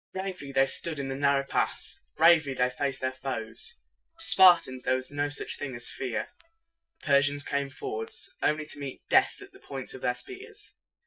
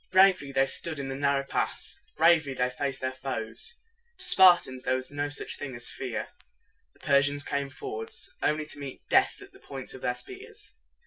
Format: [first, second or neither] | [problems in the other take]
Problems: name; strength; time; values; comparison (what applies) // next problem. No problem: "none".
second | noise reduction (neural mask model DeepFilterNet 3)